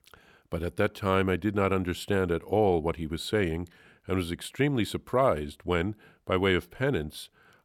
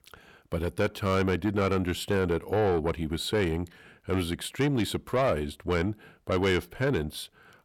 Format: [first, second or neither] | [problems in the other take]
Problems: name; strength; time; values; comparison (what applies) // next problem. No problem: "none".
first | distortion; slight; 10 dB below the speech